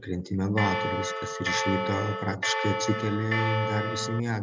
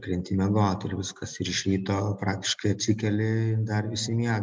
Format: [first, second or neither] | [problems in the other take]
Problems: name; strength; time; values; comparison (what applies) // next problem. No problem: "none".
second | background sound (Bell); 1 dB below the speech